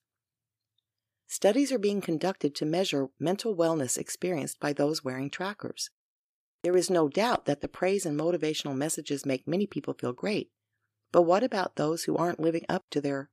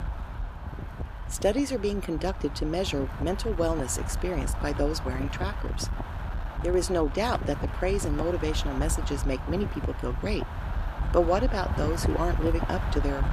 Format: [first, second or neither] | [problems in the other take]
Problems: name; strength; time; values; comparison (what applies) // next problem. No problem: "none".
first | wind noise on the microphone; heavy; 8 dB below the speech